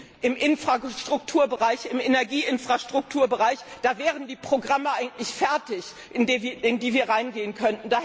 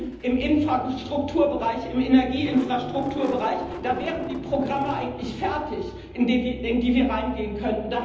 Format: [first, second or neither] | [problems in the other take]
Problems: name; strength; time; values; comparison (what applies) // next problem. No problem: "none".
first | background sound (Engine starting / Car); 12 dB below the speech // room echo; dies away in 0.9 s